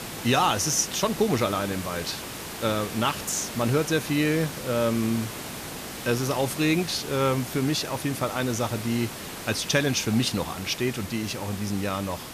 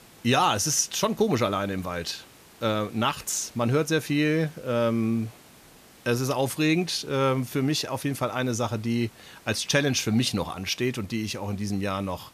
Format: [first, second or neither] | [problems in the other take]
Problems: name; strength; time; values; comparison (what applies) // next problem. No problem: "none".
second | hiss; loud; throughout; 9 dB below the speech; faint in the second